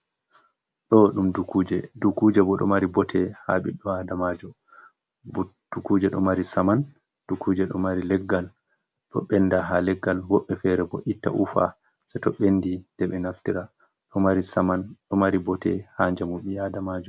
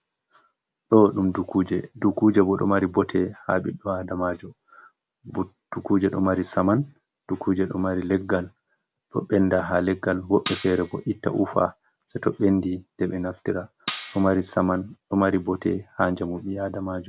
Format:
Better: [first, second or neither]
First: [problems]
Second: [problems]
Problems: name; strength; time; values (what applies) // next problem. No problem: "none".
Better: first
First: none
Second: background sound (Cutlery, silverware); 13 dB below the speech